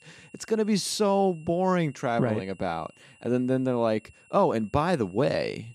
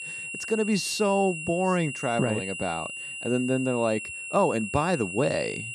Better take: first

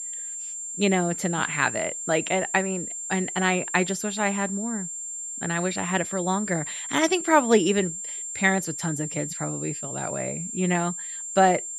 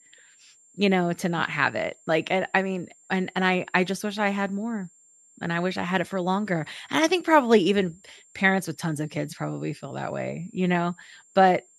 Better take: second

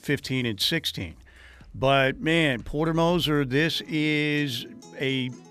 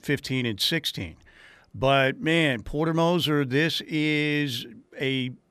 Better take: second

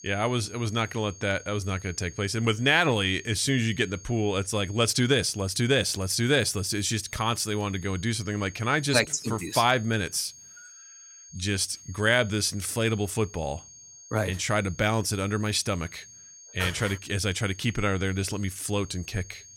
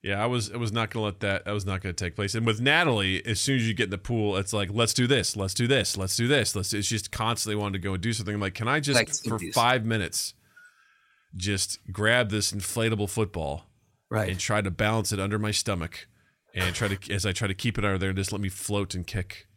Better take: second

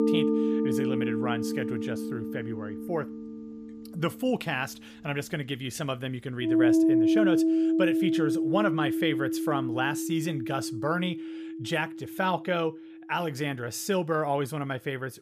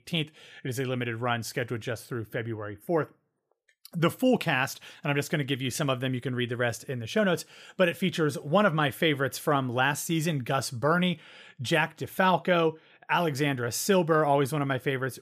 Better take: second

